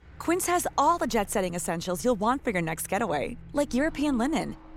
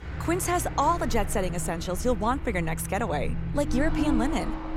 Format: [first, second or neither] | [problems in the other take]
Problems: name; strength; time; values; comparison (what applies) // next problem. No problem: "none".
first | traffic noise; loud; throughout; 5 dB below the speech; faint in the first